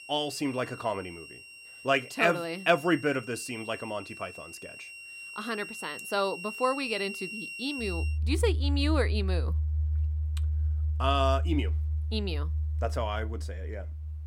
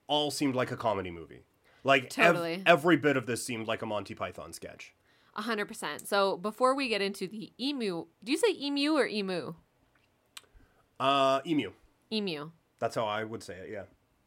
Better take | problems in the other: second | background music; loud; throughout; 2 dB below the speech

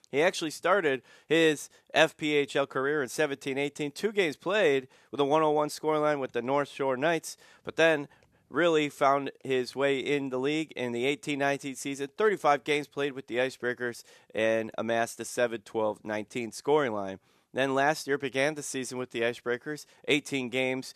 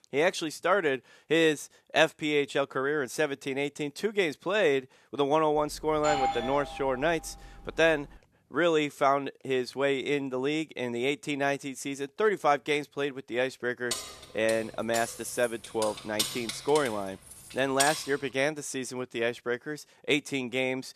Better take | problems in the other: first | doorbell; noticeable; from 5.5 to 7 s; peak level with the speech // jangling keys; noticeable; from 14 to 18 s; peak level with the speech

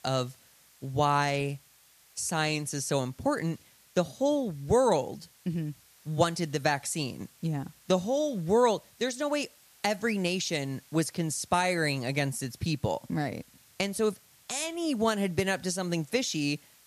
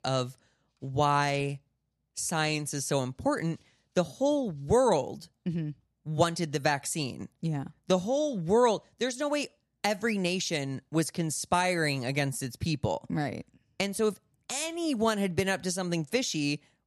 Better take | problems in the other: second | hiss; faint; throughout; 25 dB below the speech

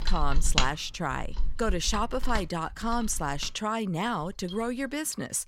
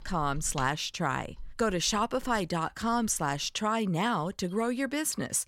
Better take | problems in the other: second | machinery noise; loud; throughout; 4 dB below the speech; faint in the second

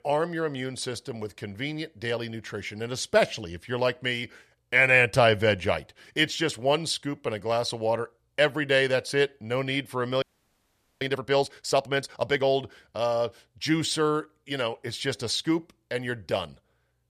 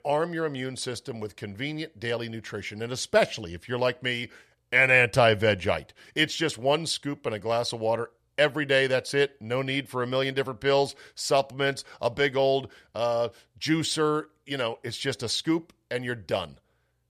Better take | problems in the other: second | audio freezing; at 10 s for 1 s

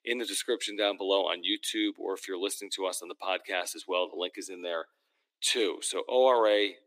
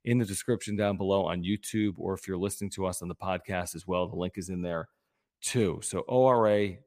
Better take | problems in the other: second | thin; somewhat; fading below 300 Hz

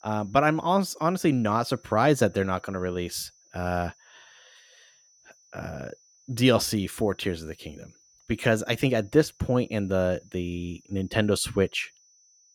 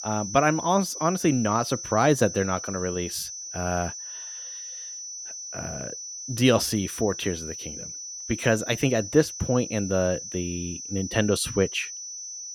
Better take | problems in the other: first | high-pitched whine; loud; throughout; 6 kHz, 9 dB below the speech; faint in the first

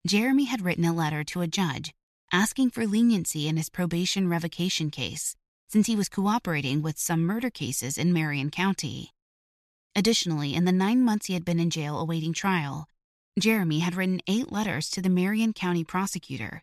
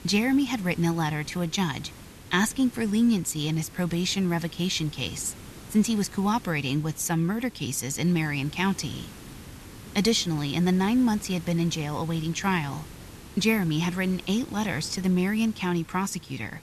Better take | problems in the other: first | hiss; noticeable; throughout; 20 dB below the speech

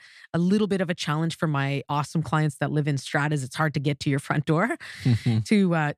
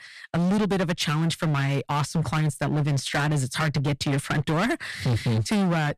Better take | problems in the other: first | distortion; heavy; 26% of the sound clipped

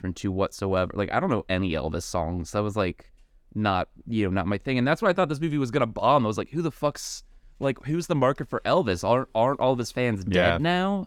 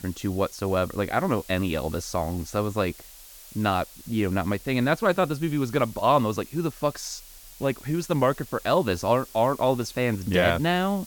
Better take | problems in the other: first | hiss; noticeable; throughout; 20 dB below the speech

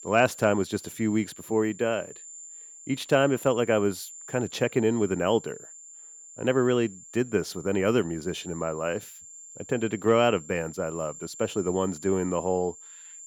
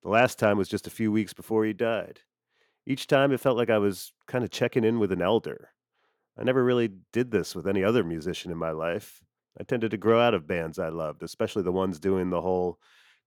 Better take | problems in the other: second | high-pitched whine; noticeable; throughout; 7.5 kHz, 15 dB below the speech

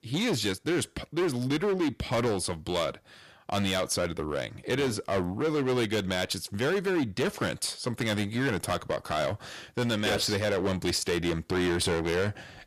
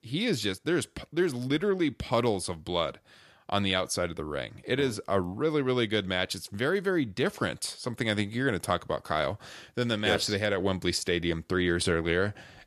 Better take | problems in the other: second | distortion; heavy; 14% of the sound clipped

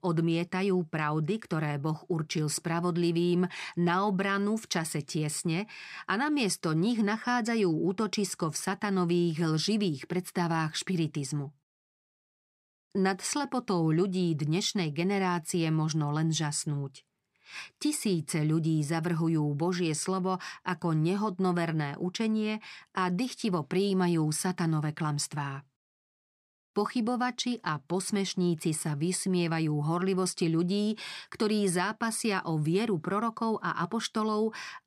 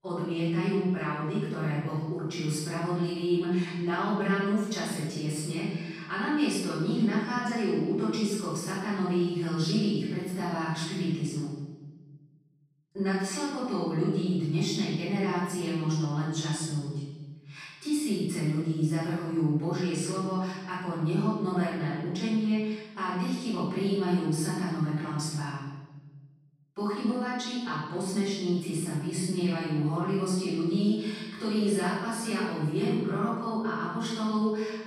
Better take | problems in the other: first | off-mic speech; far // room echo; strong; dies away in 1.2 s

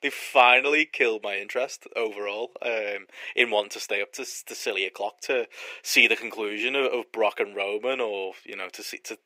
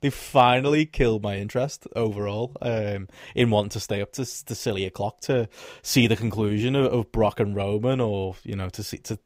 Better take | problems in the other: second | thin; very; fading below 350 Hz

